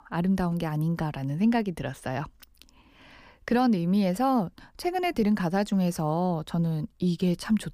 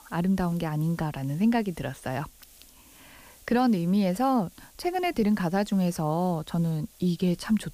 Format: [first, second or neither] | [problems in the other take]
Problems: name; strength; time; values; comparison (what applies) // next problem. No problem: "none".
first | hiss; faint; throughout; 25 dB below the speech